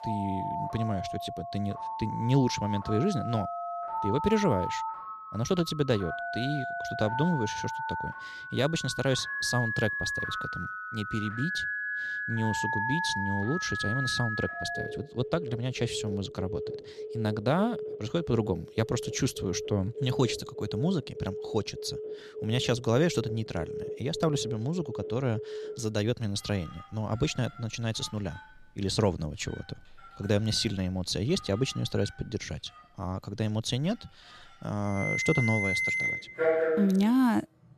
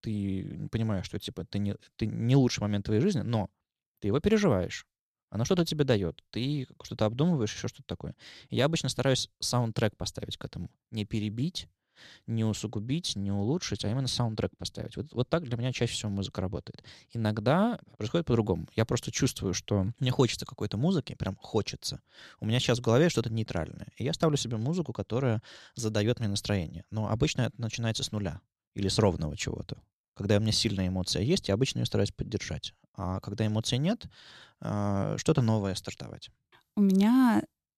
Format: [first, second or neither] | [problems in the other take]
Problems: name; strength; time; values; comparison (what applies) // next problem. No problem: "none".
second | alarms or sirens; loud; throughout; 3 dB below the speech